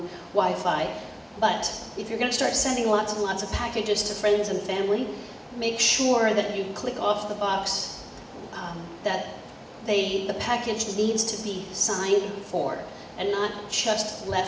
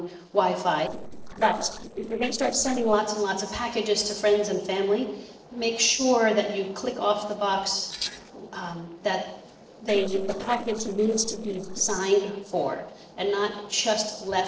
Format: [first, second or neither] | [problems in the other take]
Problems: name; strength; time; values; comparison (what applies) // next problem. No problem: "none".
first | noise reduction (neural separator model SepFormer DNS4)